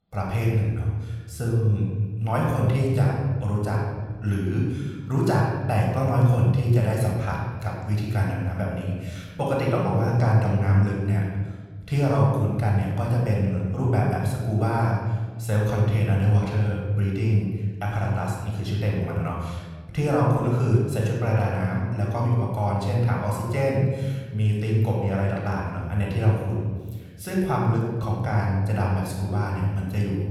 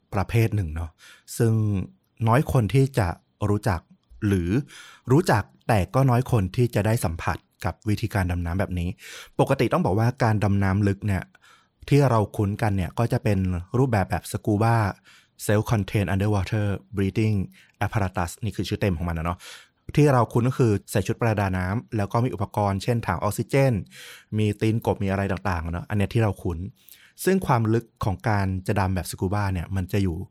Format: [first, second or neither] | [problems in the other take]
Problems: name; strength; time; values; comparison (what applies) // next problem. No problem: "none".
second | room echo; noticeable; dies away in 1.5 s // off-mic speech; somewhat distant